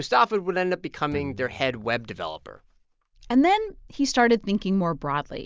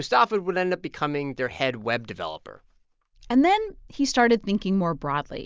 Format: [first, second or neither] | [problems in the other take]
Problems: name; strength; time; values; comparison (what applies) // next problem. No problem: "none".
second | background sound (Guitar); 17 dB below the speech